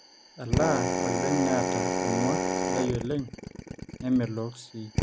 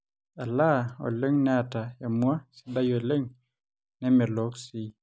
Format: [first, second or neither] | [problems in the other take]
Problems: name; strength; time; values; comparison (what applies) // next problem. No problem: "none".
second | background sound (Drill); 1 dB above the speech